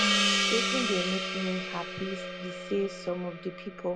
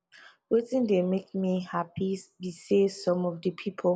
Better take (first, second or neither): second